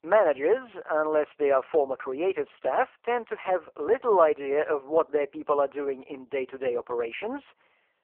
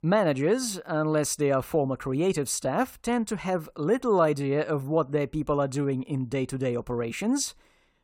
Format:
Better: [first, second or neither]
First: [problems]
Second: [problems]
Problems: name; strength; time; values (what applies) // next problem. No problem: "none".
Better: second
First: phone-call audio; poor line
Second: none